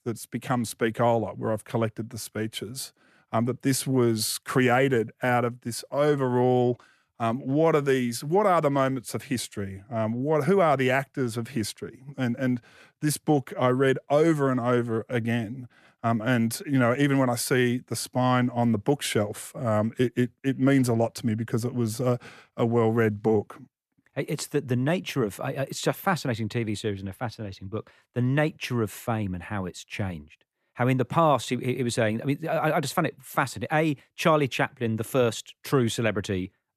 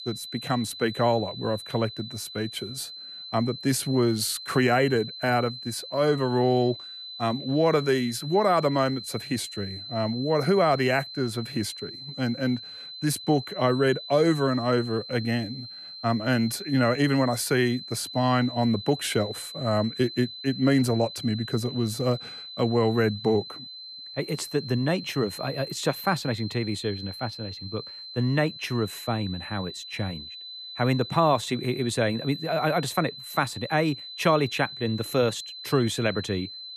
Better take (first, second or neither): first